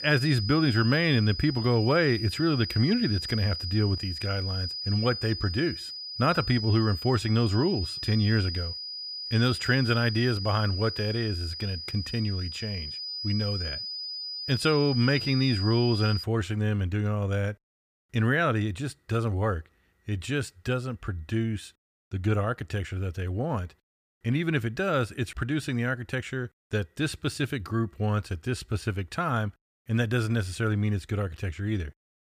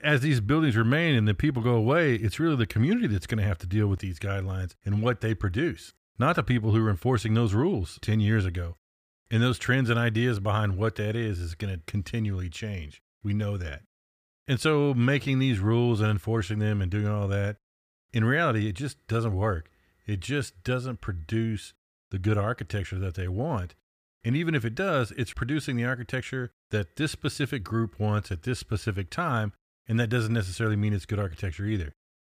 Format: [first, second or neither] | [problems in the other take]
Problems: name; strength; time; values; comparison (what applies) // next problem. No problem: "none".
second | high-pitched whine; loud; until 16 s; 5 kHz, 6 dB below the speech